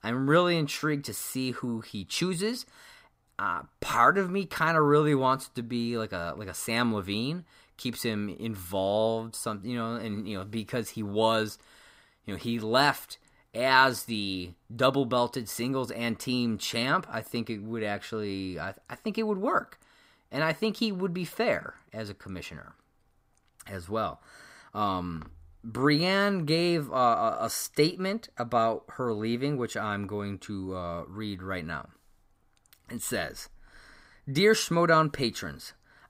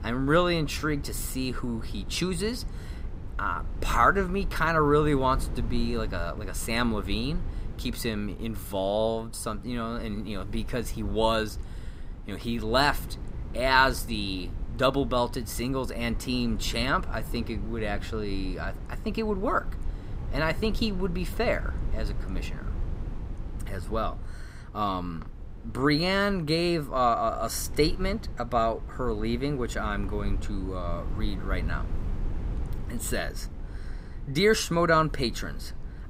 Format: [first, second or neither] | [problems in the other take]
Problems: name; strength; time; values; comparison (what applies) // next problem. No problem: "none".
first | wind noise on the microphone; occasional gusts; 20 dB below the speech